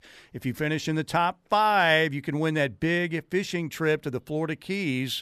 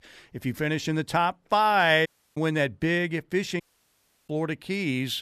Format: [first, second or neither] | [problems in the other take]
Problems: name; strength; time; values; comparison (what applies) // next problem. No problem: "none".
first | audio cutting out; at 2 s and at 3.5 s for 0.5 s